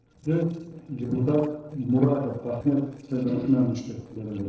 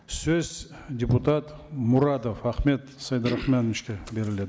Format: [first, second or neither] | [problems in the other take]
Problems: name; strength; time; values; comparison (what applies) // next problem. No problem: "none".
second | noise reduction (neural separator model SepFormer DNS4)